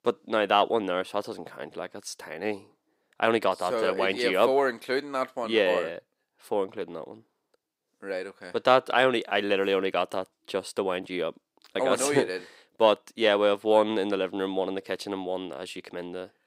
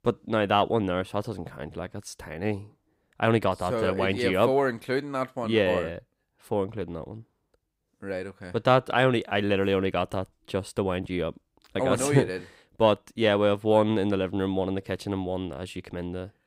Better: second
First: thin; very slightly; fading below 300 Hz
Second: none

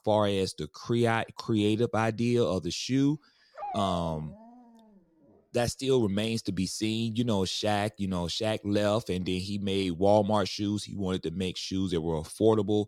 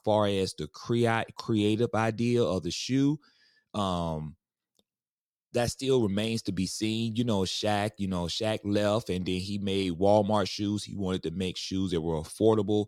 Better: second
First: dog barking; noticeable; from 3.5 to 4.5 s; peak 7 dB below the speech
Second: none

